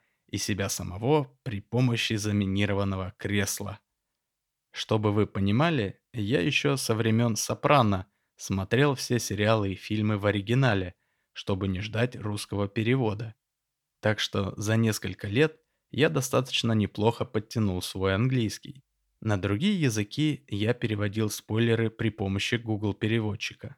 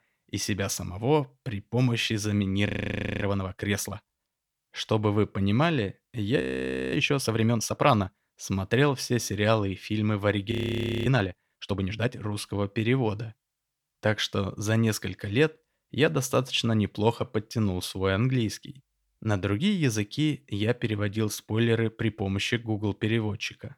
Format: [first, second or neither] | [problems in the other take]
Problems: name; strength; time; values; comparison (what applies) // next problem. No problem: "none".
first | audio freezing; at 2.5 s for 0.5 s, at 6.5 s for 0.5 s and at 11 s for 0.5 s